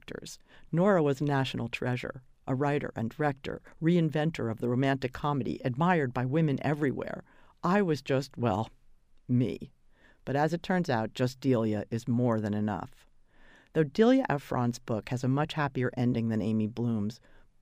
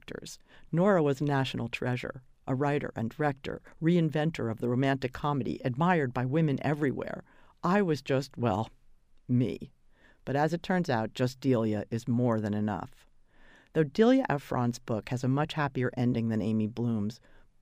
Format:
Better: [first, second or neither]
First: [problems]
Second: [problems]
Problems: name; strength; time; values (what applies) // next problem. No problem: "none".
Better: neither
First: none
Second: none